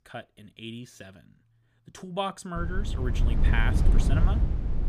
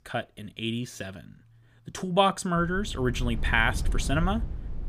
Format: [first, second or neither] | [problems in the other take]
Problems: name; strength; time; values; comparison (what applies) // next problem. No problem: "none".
second | low rumble; loud; from 2.5 s on; 5 dB below the speech; faint in the second